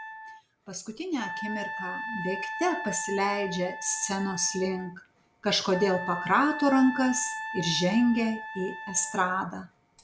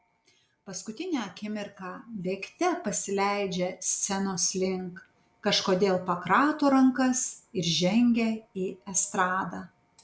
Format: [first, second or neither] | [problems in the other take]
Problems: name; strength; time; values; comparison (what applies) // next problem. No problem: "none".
second | background sound (Wind instrument, woodwind instrument); 9 dB below the speech